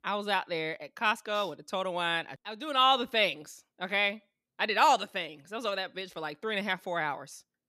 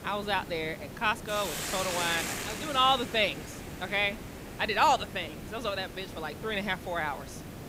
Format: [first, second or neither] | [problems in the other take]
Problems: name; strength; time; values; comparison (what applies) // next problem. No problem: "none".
first | hiss; loud; throughout; 8 dB below the speech